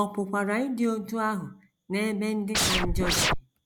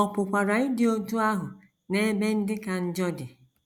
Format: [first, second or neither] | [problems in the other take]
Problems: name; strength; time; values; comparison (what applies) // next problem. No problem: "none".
second | background sound (Scratching (performance technique)); 4 dB above the speech